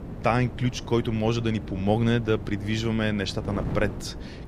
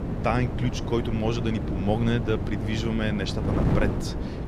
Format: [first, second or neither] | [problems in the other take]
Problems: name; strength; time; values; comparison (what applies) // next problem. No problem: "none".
first | wind noise on the microphone; heavy; 5 dB below the speech; occasional gusts in the first